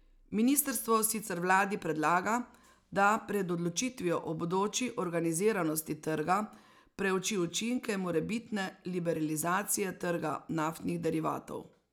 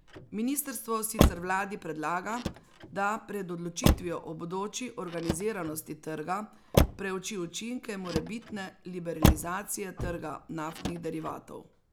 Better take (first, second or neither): first